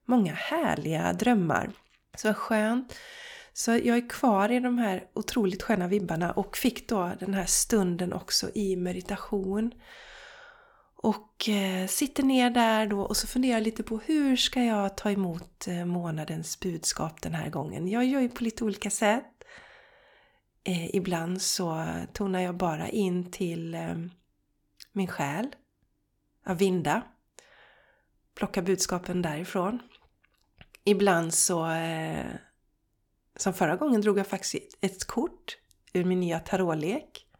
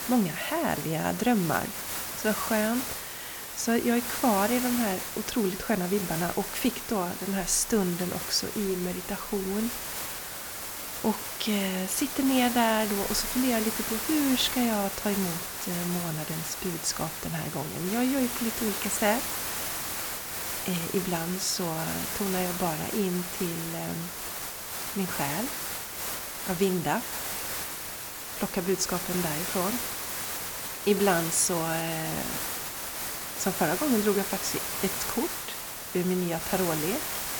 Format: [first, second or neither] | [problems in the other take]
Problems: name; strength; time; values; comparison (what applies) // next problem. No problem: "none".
first | hiss; loud; throughout; 3 dB below the speech